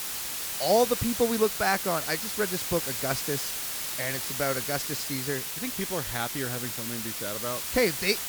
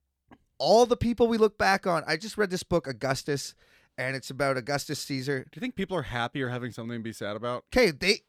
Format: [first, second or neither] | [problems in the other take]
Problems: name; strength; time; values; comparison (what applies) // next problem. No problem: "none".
second | hiss; loud; throughout; 1 dB below the speech